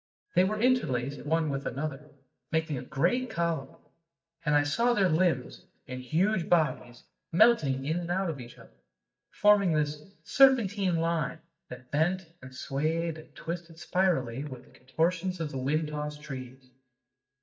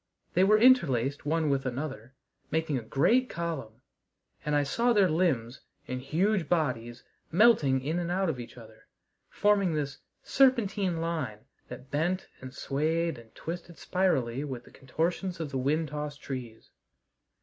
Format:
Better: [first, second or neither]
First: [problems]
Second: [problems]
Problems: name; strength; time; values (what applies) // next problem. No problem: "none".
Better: second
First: noise reduction (neural mask model DeepFilterNet 3)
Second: none